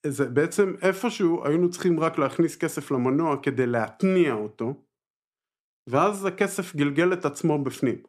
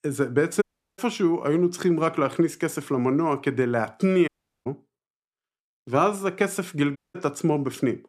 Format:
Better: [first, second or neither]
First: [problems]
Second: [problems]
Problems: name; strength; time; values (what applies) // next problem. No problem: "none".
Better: first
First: none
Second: audio cutting out; at 0.5 s, at 4.5 s and at 7 s